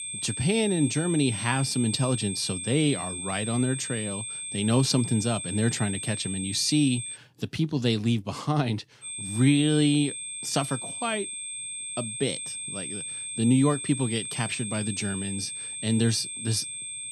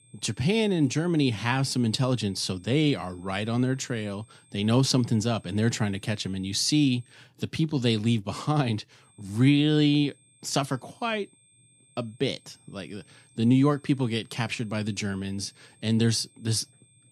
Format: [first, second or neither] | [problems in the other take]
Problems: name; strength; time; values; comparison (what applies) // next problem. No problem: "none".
second | high-pitched whine; loud; until 7 s and from 9 s on; 8.5 kHz, 6 dB below the speech; faint in the second